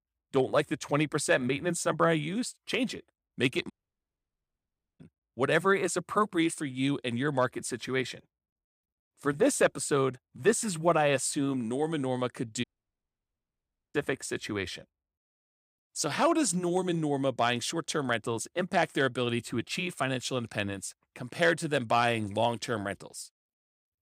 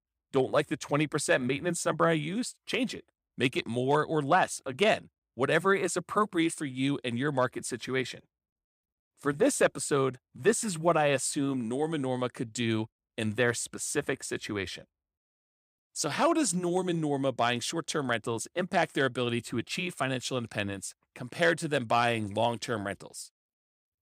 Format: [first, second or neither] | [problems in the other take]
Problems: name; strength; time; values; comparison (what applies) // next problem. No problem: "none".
second | audio cutting out; at 3.5 s for 1.5 s and at 13 s for 1.5 s